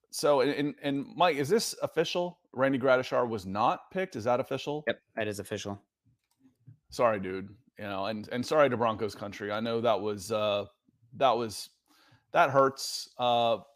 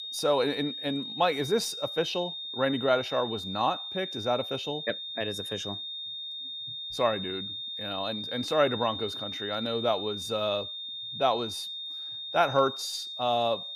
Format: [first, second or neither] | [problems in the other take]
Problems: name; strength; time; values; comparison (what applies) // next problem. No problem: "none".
first | high-pitched whine; loud; throughout; 3.5 kHz, 5 dB below the speech